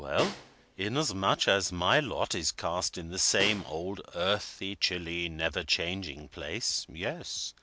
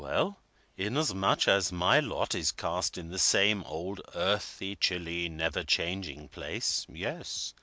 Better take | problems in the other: second | background sound (Snare drum); 15 dB below the speech

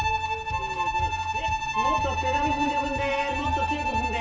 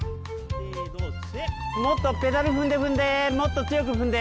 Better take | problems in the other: second | background sound (Bowed string instrument); 3 dB above the speech // room echo; dies away in 0.7 s

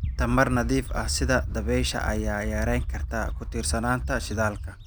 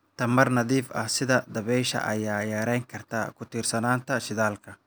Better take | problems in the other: second | background sound (Bird); 3 dB below the speech

